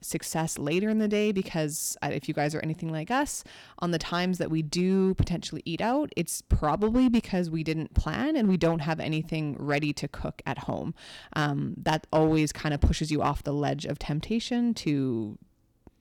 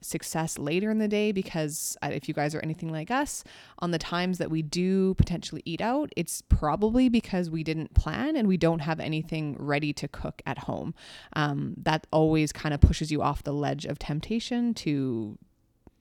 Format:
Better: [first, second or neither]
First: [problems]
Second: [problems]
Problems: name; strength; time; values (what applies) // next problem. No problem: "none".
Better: second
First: distortion; slight; 2% of the sound clipped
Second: none